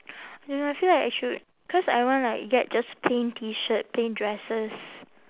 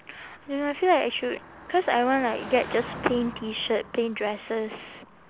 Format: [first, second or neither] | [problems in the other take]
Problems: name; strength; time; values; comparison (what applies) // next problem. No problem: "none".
first | background sound (Car passing by); 16 dB below the speech